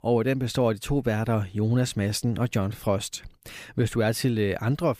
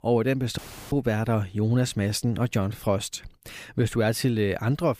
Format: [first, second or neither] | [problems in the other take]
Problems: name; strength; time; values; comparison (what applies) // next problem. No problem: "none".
first | audio cutting out; filled with static; at 0.5 s